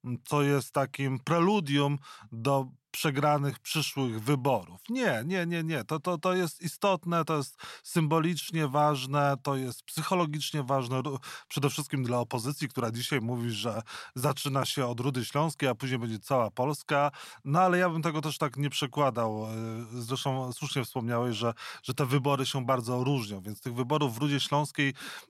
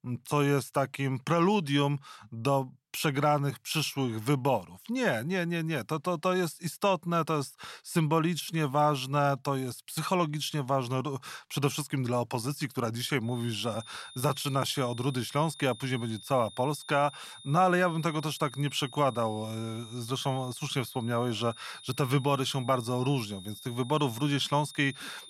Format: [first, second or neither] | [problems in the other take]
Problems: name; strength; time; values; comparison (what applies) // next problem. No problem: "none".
first | high-pitched whine; noticeable; from 13 s on; 3.5 kHz, 15 dB below the speech